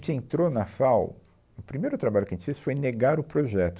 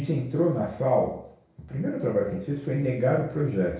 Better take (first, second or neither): first